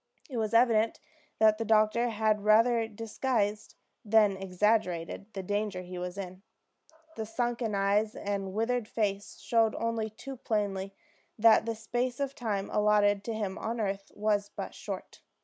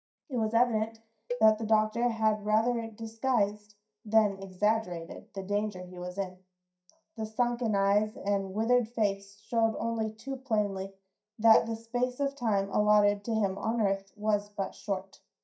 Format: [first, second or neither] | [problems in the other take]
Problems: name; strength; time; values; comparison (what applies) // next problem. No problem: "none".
first | noise reduction (neural mask model DeepFilterNet 3)